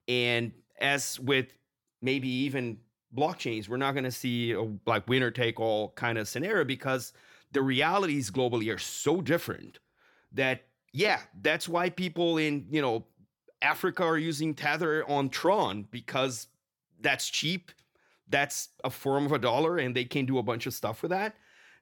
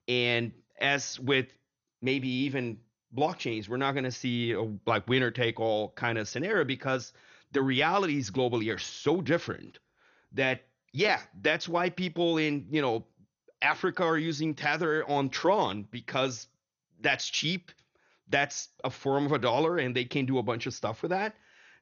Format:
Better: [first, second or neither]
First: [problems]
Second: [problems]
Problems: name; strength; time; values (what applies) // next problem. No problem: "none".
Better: first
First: none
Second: garbled, watery; slightly; nothing above 6.5 kHz